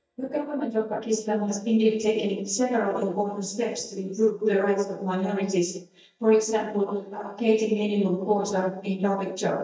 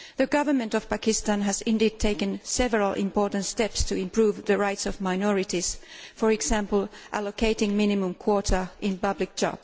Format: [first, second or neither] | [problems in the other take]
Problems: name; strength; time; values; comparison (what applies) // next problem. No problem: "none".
second | noise reduction (neural mask model DeepFilterNet 3)